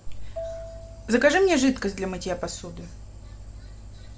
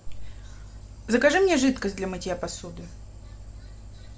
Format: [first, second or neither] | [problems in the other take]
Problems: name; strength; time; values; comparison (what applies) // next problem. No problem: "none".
second | background sound (Marimba, xylophone); 16 dB below the speech